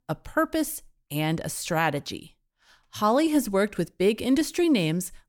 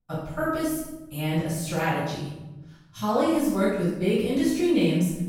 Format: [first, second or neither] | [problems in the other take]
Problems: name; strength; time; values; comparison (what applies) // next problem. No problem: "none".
first | off-mic speech; far // room echo; strong; dies away in 1.1 s